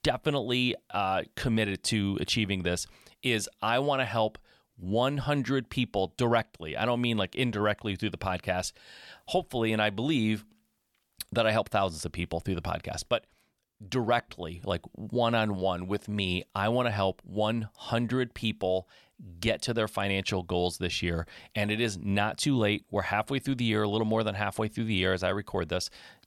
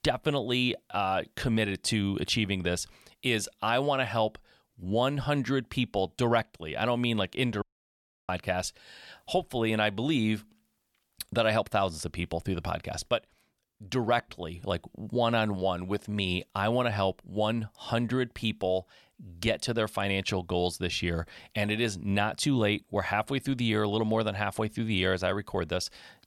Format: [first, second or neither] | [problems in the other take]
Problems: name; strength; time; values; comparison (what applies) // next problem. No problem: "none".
first | audio cutting out; at 7.5 s for 0.5 s